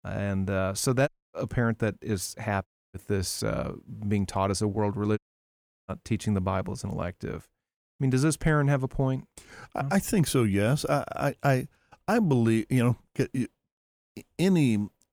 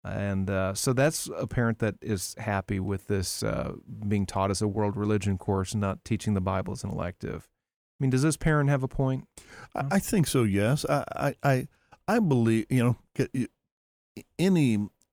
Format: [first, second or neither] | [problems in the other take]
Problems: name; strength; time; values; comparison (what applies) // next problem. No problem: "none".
second | audio cutting out; at 1 s, at 2.5 s and at 5 s for 0.5 s